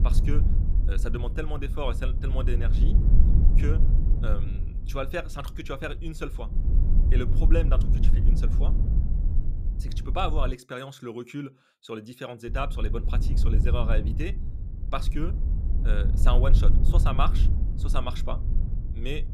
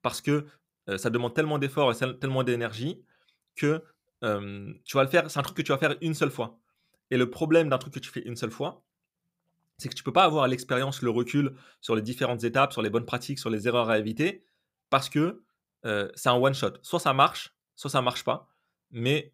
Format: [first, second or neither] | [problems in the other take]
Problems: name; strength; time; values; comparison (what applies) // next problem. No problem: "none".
second | low rumble; loud; until 11 s and from 12 s on; 8 dB below the speech